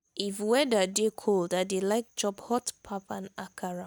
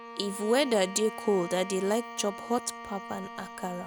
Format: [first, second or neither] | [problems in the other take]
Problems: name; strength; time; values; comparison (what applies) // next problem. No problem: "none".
first | background sound (Bowed string instrument); 12 dB below the speech